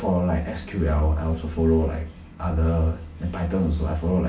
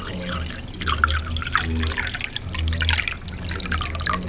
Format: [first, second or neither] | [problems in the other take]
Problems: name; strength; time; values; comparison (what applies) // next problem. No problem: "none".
first | background sound (Liquid); 1 dB above the speech // room echo; dies away in 0.6 s